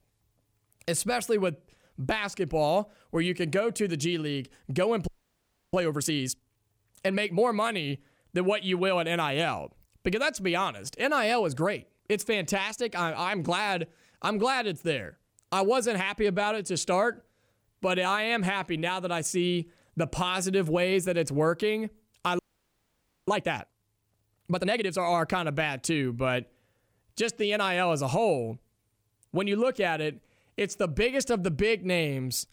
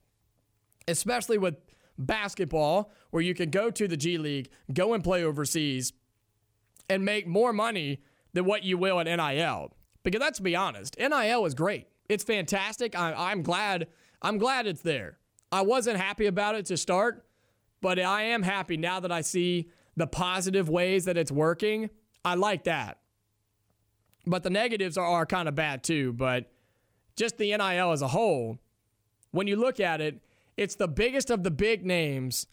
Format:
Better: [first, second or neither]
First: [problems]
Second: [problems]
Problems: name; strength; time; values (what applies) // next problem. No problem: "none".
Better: second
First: audio freezing; at 5 s for 0.5 s and at 22 s for 1 s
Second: none